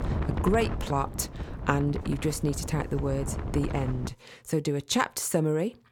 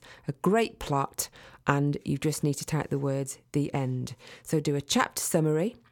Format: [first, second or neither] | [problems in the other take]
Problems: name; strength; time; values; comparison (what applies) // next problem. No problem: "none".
second | wind noise on the microphone; occasional gusts; until 4 s; 10 dB below the speech